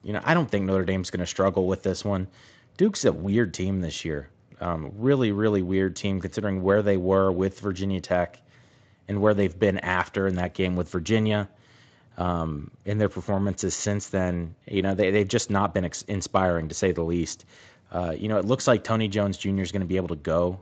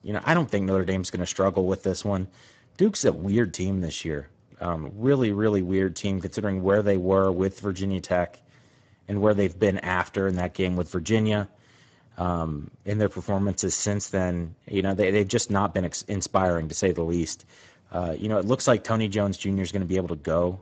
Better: first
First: garbled, watery; slightly; nothing above 7.5 kHz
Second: garbled, watery; badly; nothing above 7.5 kHz

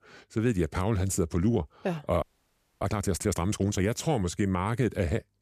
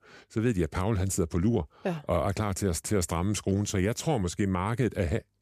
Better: second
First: audio freezing; at 2 s for 0.5 s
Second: none

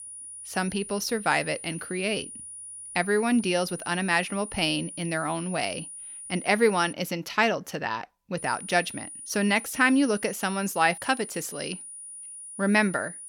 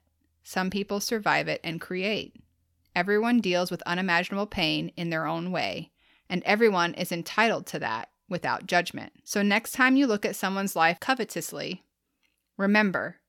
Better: second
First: high-pitched whine; noticeable; until 7 s and from 8.5 s on; 9.5 kHz, 10 dB below the speech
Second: none

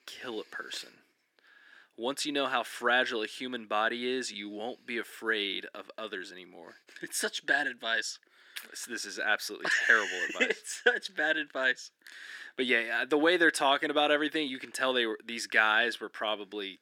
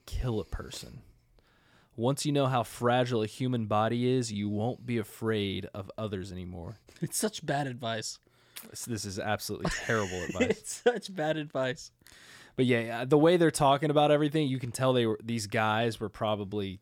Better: second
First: thin; somewhat; fading below 300 Hz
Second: none

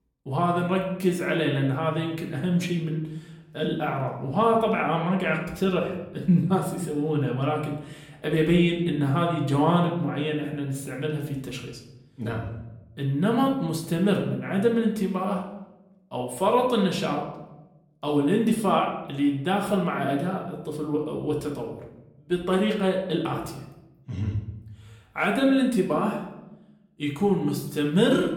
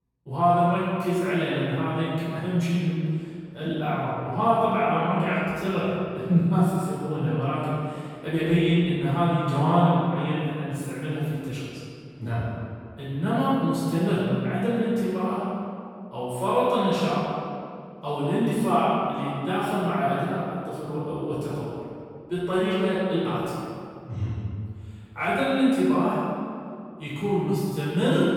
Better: first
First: room echo; slight; dies away in 0.7 s // off-mic speech; somewhat distant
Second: room echo; strong; dies away in 2 s // off-mic speech; far

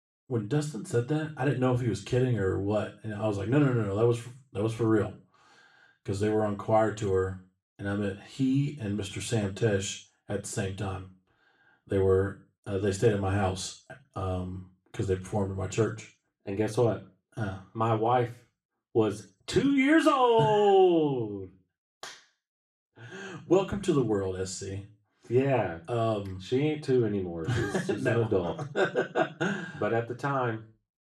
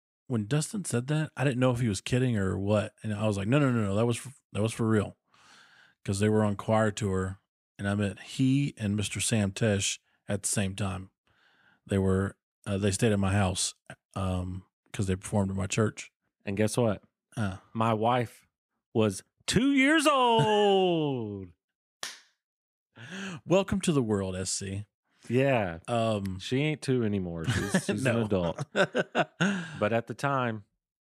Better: second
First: room echo; slight; dies away in 0.3 s // off-mic speech; far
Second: none

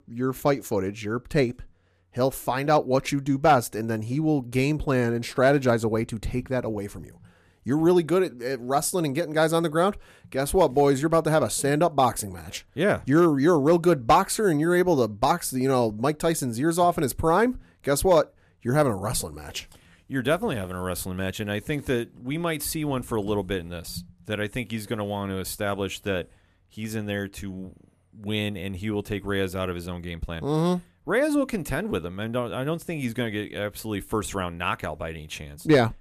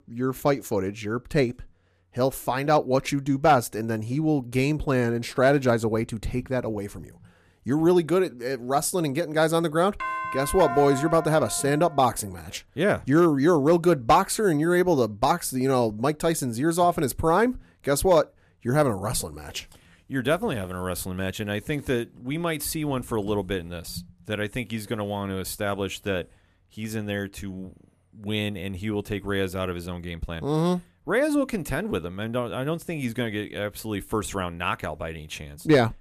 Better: first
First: none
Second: doorbell; noticeable; from 10 to 12 s; peak 5 dB below the speech

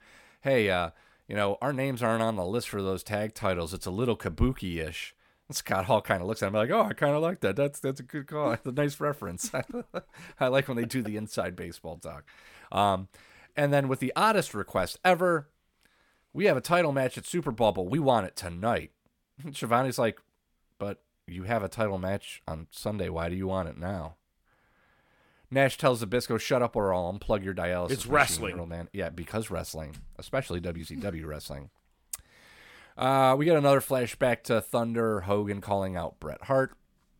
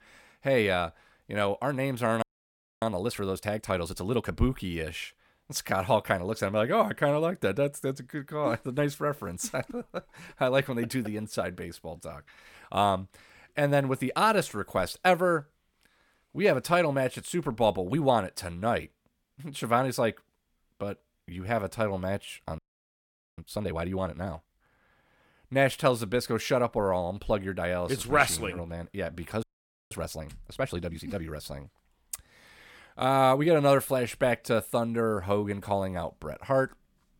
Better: first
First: none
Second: audio freezing; at 2 s for 0.5 s, at 23 s for 1 s and at 29 s

